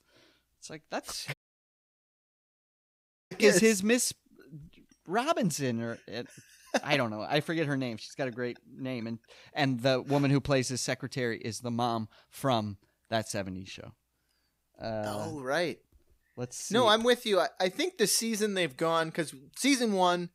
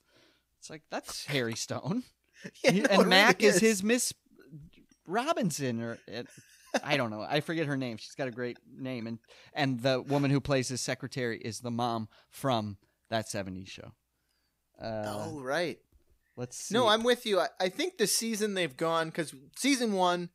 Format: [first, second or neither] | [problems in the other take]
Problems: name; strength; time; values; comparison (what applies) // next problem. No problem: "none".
second | audio cutting out; at 1.5 s for 2 s